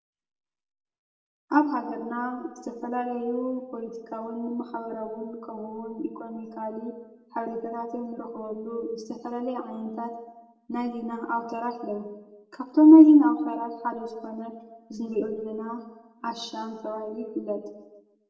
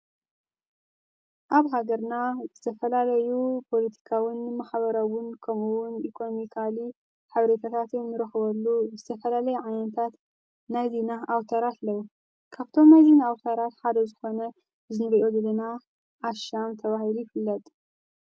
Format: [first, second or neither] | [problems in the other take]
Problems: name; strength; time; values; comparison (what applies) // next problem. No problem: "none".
second | room echo; dies away in 0.9 s